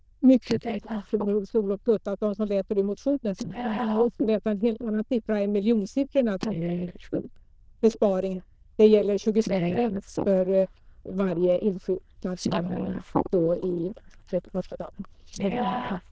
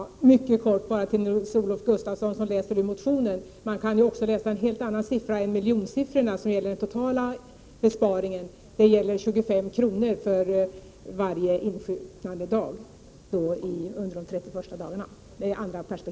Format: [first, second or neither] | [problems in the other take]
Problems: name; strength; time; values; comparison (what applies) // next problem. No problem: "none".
second | noise reduction (neural diffusion model UNIVERSE++)